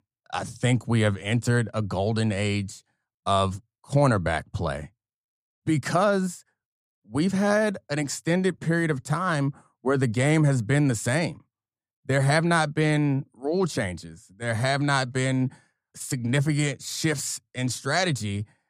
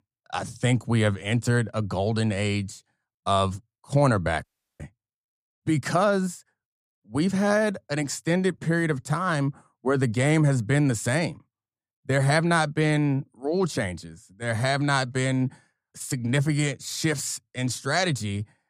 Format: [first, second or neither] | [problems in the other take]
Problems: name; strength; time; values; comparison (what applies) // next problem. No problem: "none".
first | audio cutting out; at 4.5 s